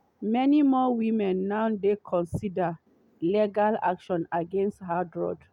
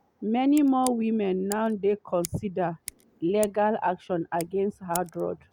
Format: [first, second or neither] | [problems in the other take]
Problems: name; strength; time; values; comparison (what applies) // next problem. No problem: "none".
first | background sound (Scissors); 18 dB below the speech